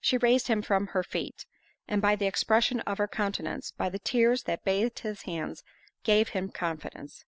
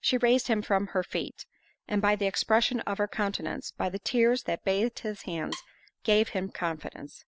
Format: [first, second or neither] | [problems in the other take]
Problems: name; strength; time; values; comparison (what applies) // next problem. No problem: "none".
first | background sound (Wood); 17 dB below the speech